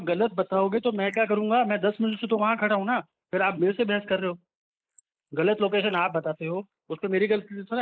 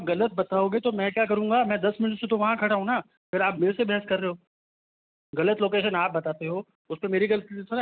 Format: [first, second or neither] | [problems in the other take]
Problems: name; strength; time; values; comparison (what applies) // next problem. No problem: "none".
second | noise reduction (neural mask model Resemble Enhance denoiser)